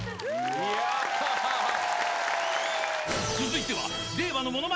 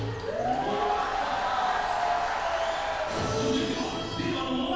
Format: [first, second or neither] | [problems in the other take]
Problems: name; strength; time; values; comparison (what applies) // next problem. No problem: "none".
first | background sound (Bird); 19 dB below the speech // room echo; dies away in 1.2 s